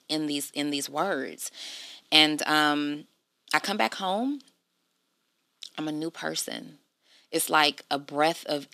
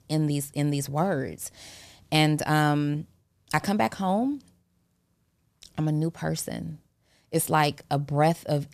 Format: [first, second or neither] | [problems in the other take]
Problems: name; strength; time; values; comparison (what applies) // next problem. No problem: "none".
second | thin; very slightly; fading below 250 Hz